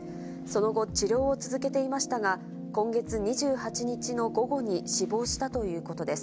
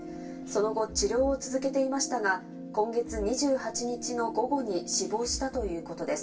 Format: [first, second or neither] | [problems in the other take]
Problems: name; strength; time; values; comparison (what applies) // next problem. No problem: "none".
first | room echo; dies away in 0.2 s